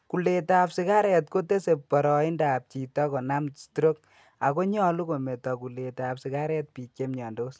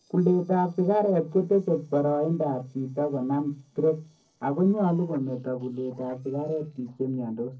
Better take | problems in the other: first | noise reduction (neural separator model SepFormer DNS4)

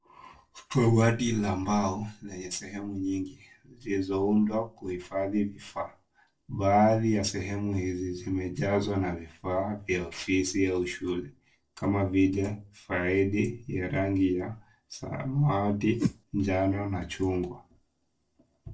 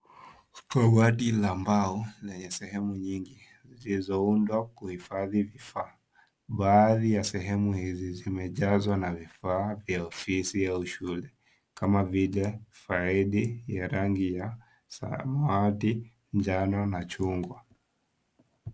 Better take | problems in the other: second | noise reduction (neural separator model SepFormer DNS4)

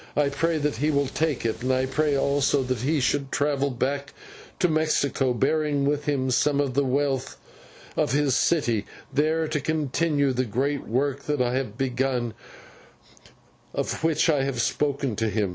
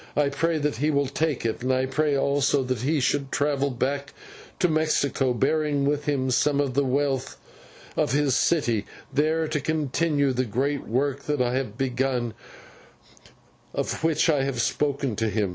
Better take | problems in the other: second | background sound (Water); 19 dB below the speech

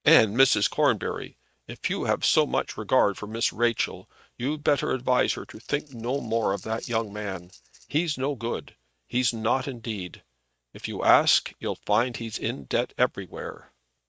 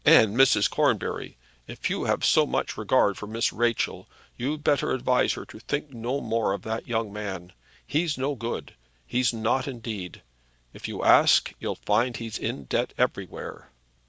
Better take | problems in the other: second | noise reduction (neural mask model RNNoise)

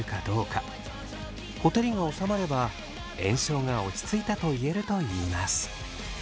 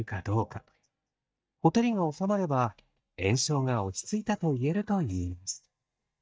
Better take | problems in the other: first | noise reduction (neural mask model DeepFilterNet 3)

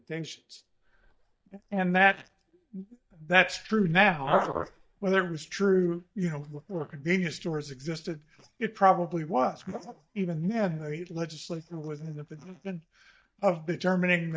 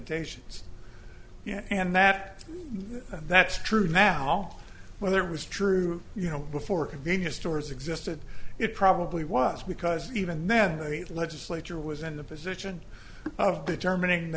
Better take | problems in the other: second | noise reduction (neural mask model DeepFilterNet 3)

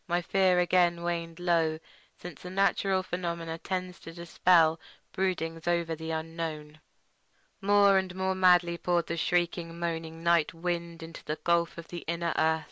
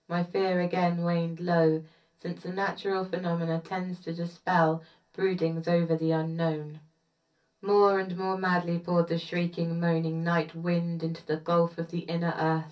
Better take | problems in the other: first | room echo; dies away in 0.3 s

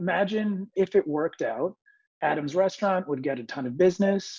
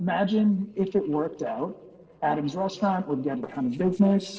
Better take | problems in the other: first | noise reduction (neural separator model SepFormer DNS4)

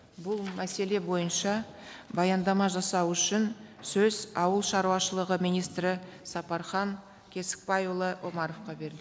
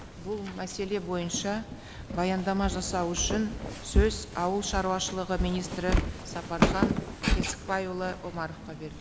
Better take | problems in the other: first | background sound (Walk, footsteps); as loud as the speech

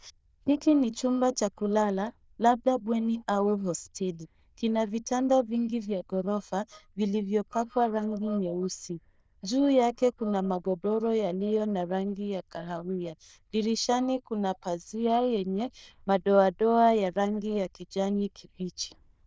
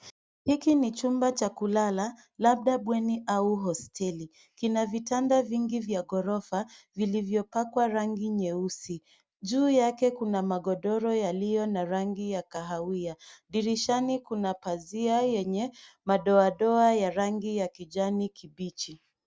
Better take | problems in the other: second | noise reduction (neural diffusion model UNIVERSE++)

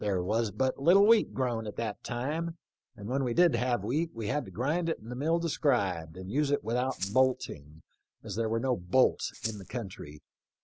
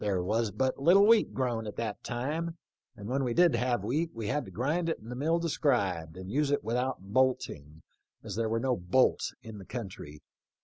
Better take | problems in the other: second | background sound (Rattle (instrument)); 11 dB below the speech

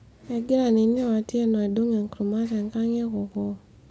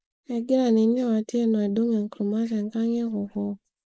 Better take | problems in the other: first | noise reduction (neural mask model Resemble Enhance denoiser)

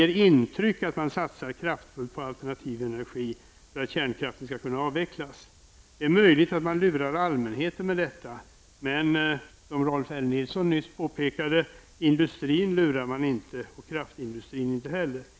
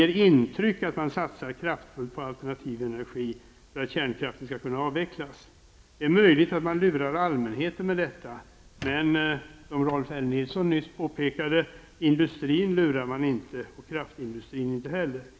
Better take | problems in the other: first | background sound (Squeak); 19 dB below the speech // room echo; dies away in 1.3 s

